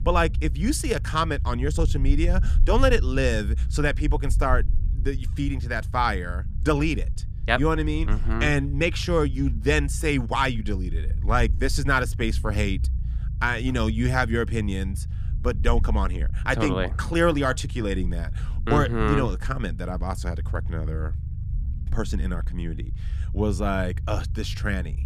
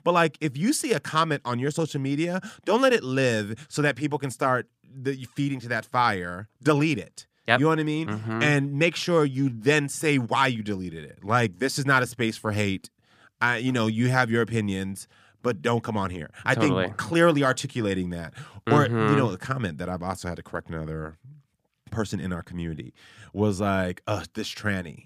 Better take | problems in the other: second | low rumble; faint; throughout; 20 dB below the speech

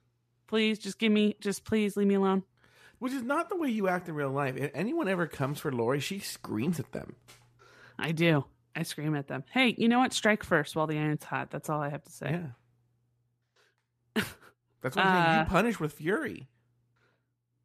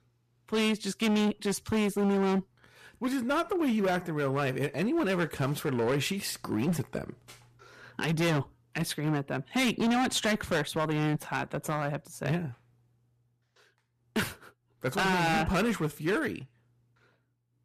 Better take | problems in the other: first | distortion; heavy; 11% of the sound clipped

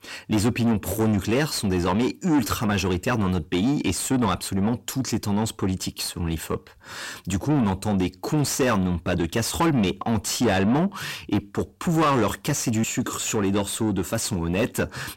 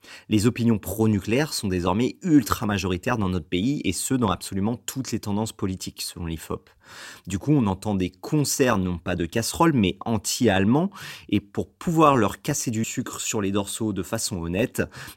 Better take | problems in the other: second | distortion; heavy; 8 dB below the speech

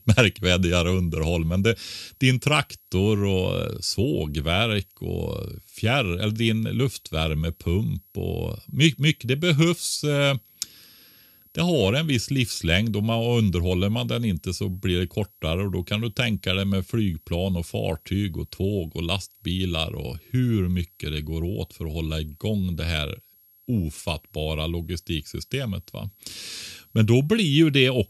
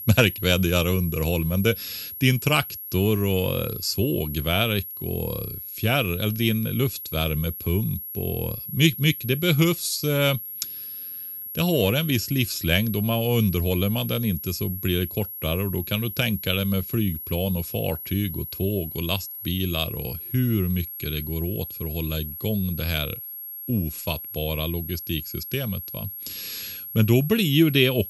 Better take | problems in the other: first | high-pitched whine; loud; throughout; 11.5 kHz, 8 dB below the speech; faint in the first

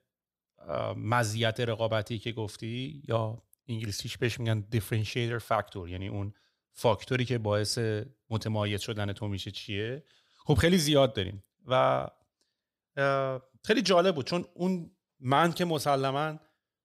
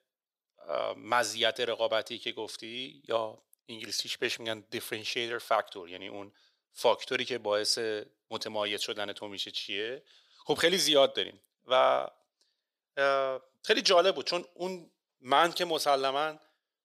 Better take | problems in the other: first | thin; very; fading below 450 Hz

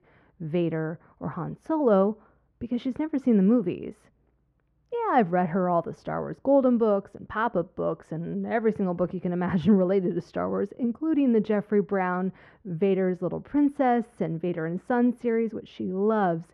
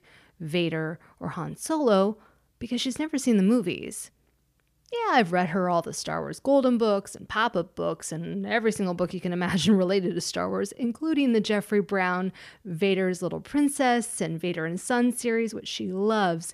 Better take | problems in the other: second | muffled; very; fading above 3 kHz

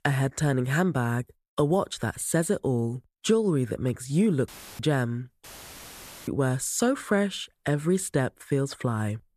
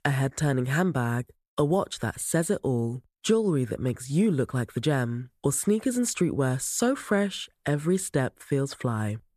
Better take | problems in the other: second | audio cutting out; filled with static; at 4.5 s and at 5.5 s for 1 s

